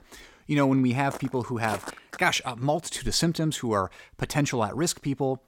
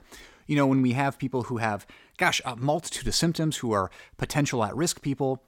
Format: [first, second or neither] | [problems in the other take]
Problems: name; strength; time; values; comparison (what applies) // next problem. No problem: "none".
second | footsteps; faint; from 1 to 2.5 s; peak 10 dB below the speech